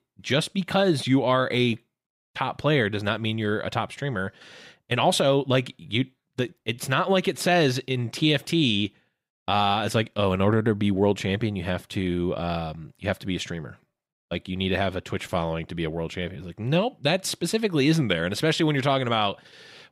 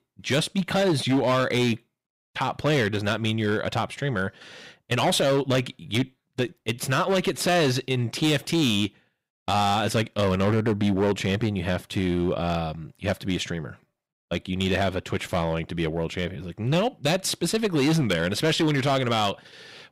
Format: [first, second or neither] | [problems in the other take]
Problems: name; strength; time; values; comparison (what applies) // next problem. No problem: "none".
first | distortion; slight; 9% of the sound clipped